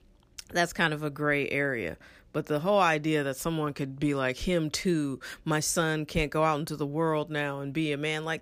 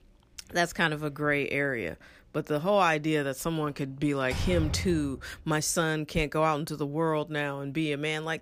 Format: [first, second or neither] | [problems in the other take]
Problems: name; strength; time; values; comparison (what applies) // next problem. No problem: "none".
first | door banging; noticeable; at 4.5 s; peak 4 dB below the speech